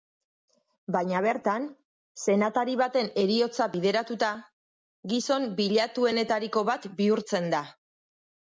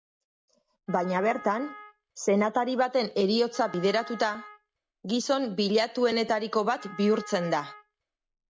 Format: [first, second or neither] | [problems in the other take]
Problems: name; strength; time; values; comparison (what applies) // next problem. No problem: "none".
first | background sound (Wind instrument, woodwind instrument); 18 dB below the speech